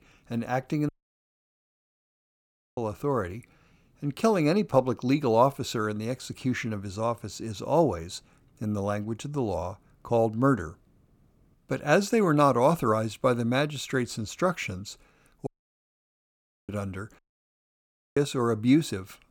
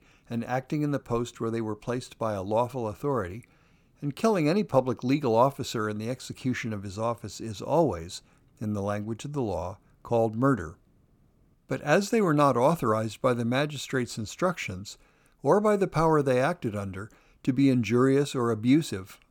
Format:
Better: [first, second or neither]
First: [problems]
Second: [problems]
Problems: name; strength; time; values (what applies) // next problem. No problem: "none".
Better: second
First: audio cutting out; at 1 s for 2 s, at 15 s for 1 s and at 17 s for 1 s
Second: none